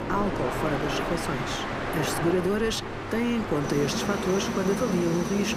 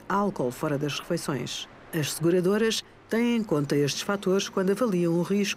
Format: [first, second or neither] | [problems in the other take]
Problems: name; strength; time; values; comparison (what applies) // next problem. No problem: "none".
second | train or aircraft noise; loud; throughout; 2 dB below the speech; faint in the second